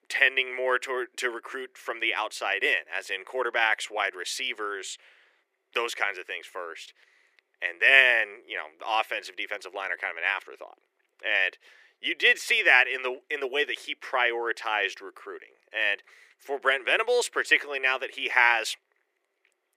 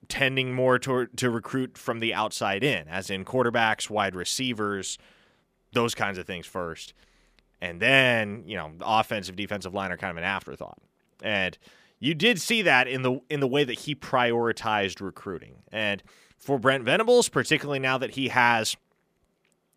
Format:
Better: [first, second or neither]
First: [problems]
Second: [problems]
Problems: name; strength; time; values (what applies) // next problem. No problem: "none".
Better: second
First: thin; very; fading below 350 Hz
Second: none